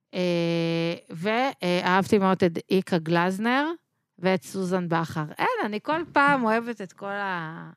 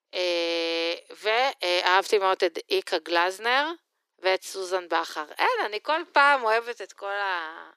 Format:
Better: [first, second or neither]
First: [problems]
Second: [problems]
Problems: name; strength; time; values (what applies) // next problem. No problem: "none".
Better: first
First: none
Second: thin; very; fading below 350 Hz